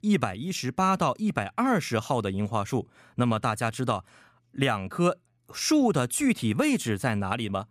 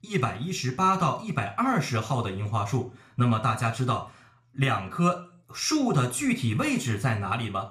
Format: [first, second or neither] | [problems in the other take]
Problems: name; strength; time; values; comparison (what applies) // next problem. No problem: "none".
first | room echo; very slight; dies away in 0.3 s // off-mic speech; somewhat distant